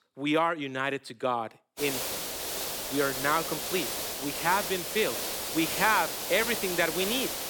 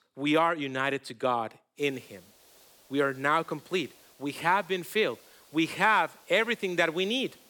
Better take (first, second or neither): second